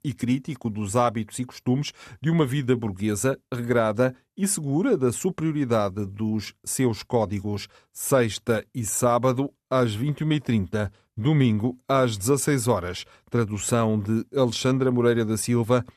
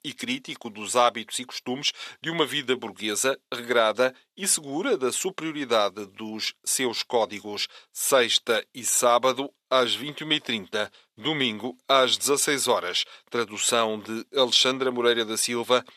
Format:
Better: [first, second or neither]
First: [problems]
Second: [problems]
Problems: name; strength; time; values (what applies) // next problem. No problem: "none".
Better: first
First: none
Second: thin; somewhat; fading below 450 Hz